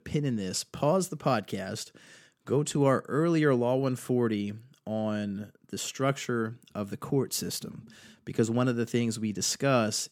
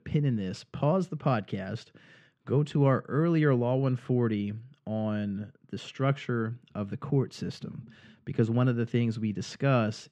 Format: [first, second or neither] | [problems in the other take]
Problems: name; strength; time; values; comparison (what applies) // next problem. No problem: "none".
first | muffled; slightly; fading above 3 kHz